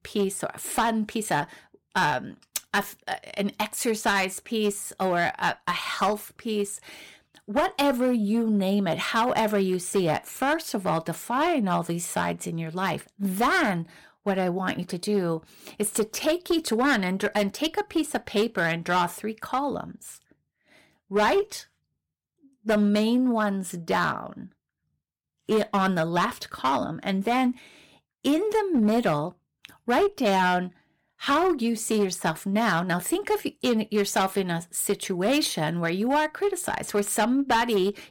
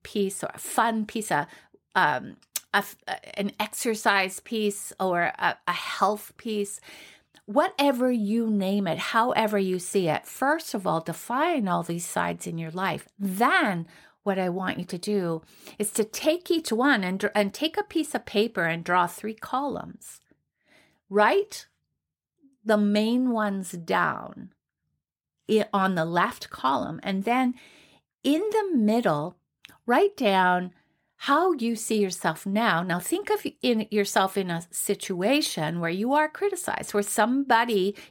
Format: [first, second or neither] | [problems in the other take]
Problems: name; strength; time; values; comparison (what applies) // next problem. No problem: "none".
second | distortion; slight; 5% of the sound clipped